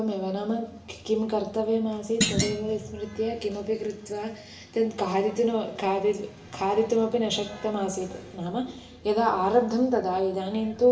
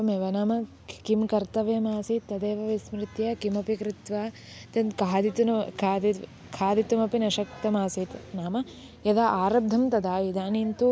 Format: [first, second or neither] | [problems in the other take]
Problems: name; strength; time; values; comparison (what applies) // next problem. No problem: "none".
second | background sound (Thump, thud); 3 dB below the speech // room echo; dies away in 0.7 s